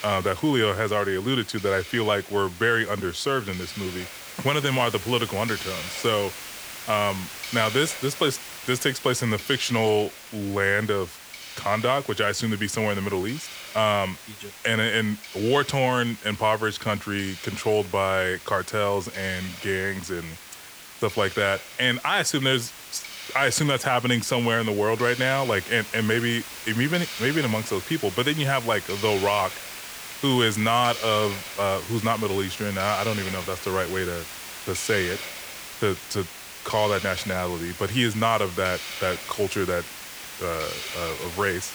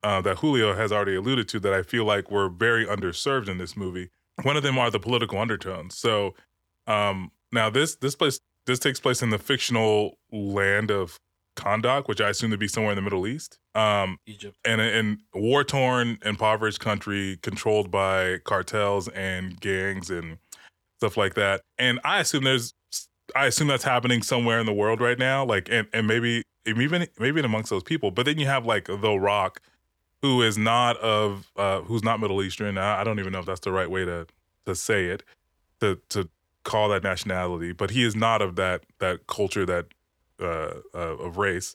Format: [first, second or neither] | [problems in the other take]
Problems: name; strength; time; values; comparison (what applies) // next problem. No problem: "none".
second | hiss; noticeable; throughout; 10 dB below the speech